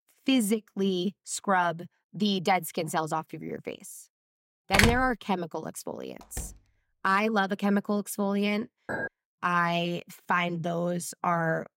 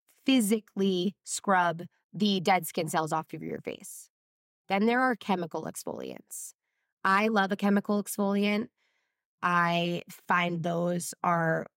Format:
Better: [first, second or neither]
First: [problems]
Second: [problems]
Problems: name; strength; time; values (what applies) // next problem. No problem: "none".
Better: second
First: door banging; loud; at 4.5 s; peak 5 dB above the speech // door banging; faint; at 6 s; peak 15 dB below the speech // clattering dishes; noticeable; at 9 s; peak 6 dB below the speech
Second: none